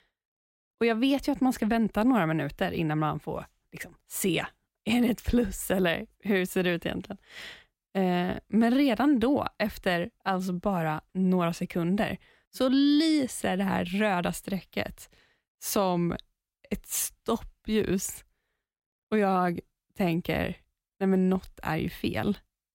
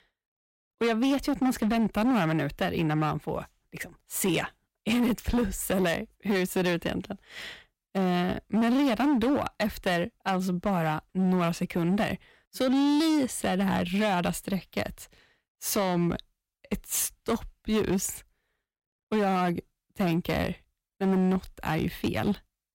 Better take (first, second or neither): first